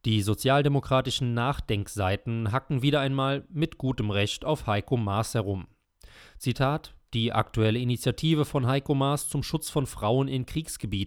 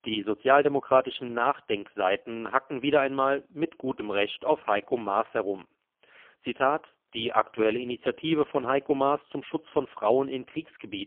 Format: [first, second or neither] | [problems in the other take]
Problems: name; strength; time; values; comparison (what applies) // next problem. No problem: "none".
first | phone-call audio; poor line; nothing above 3.5 kHz